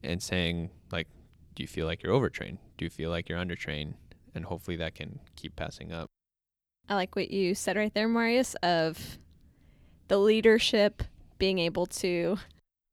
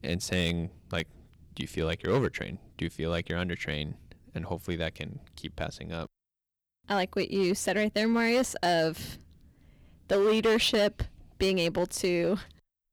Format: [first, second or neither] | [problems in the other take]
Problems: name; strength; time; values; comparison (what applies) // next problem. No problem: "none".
first | distortion; slight; 4% of the sound clipped